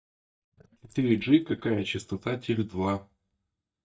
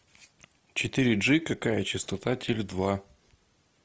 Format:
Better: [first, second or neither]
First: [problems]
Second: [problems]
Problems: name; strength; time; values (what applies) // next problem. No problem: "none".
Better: second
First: noise reduction (neural mask model DeepFilterNet 3)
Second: none